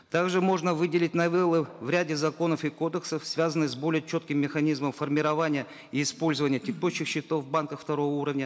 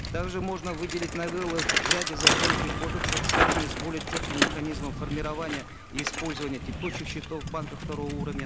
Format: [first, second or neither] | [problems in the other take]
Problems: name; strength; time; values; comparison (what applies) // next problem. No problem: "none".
first | background sound (Bicycle); 5 dB above the speech